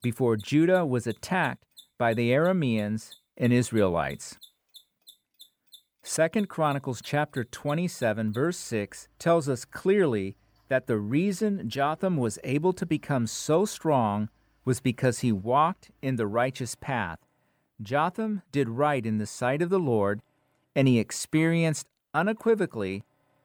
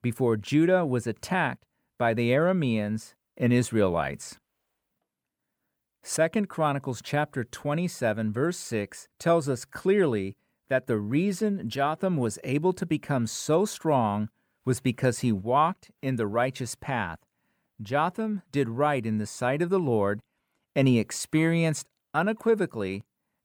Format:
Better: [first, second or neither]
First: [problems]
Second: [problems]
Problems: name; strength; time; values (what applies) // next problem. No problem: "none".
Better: second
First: machinery noise; faint; throughout; 25 dB below the speech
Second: none